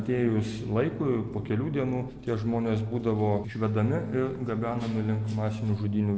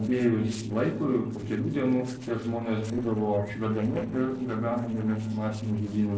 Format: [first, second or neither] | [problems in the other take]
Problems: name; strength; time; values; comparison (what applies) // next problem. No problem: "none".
first | noise reduction (neural separator model SepFormer DNS4)